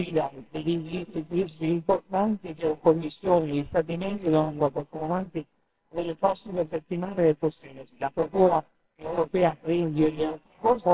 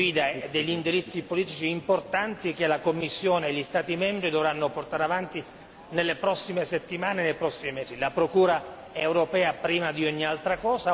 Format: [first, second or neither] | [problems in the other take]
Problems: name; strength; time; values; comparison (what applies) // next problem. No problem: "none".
second | noise reduction (neural separator model SepFormer WHAMR!)